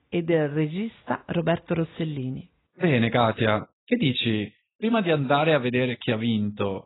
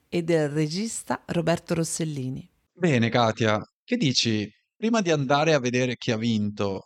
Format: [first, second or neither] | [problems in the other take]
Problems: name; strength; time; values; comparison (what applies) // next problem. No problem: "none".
second | garbled, watery; badly; nothing above 4 kHz